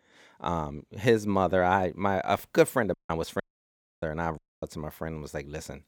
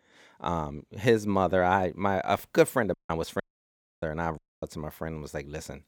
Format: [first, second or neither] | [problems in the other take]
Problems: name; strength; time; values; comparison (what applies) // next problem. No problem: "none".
neither | audio cutting out; at 3 s, at 3.5 s for 0.5 s and at 4.5 s; the same in both